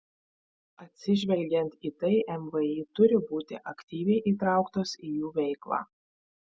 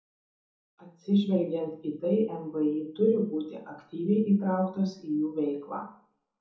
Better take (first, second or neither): first